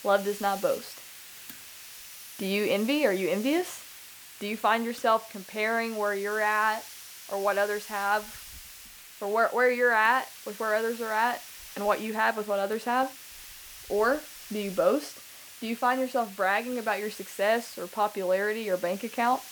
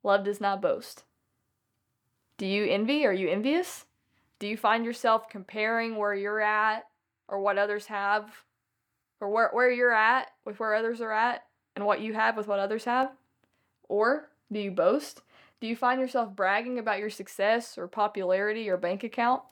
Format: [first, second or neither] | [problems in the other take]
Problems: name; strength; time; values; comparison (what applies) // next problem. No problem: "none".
second | hiss; noticeable; throughout; 15 dB below the speech